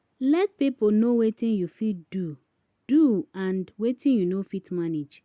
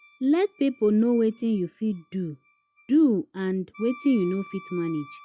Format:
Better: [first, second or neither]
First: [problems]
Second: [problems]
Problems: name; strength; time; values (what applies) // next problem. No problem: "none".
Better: first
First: none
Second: noise reduction (classical method log-MMSE)